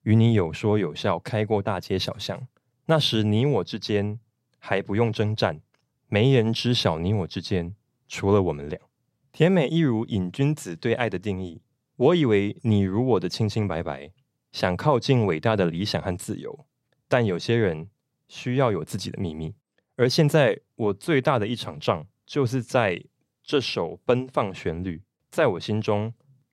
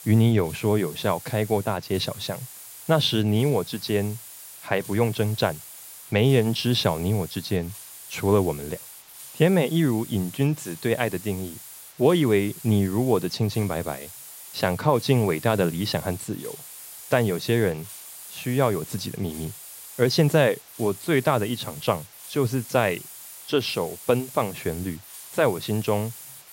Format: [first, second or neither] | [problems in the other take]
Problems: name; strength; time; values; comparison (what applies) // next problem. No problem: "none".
first | hiss; noticeable; throughout; 15 dB below the speech